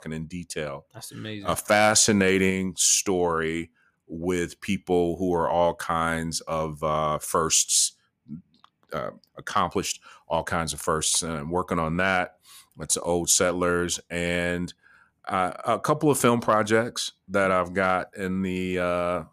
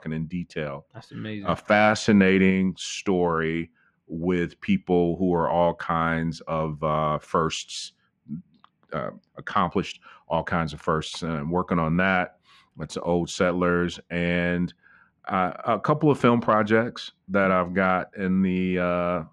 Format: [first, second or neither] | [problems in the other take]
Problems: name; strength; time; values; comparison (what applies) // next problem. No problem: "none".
first | muffled; slightly; fading above 2.5 kHz